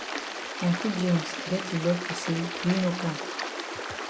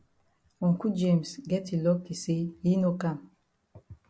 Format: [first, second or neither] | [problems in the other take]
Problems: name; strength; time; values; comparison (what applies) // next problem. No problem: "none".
second | background sound (Stream); 5 dB below the speech